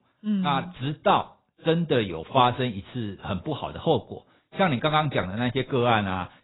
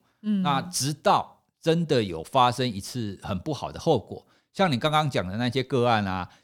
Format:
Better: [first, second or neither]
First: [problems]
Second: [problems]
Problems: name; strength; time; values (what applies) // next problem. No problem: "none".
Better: second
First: garbled, watery; badly; nothing above 4 kHz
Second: none